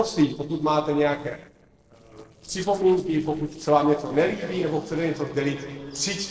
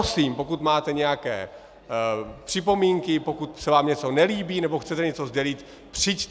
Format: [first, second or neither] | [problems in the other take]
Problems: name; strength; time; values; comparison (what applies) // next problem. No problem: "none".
second | noise reduction (neural separator model SepFormer DNS4)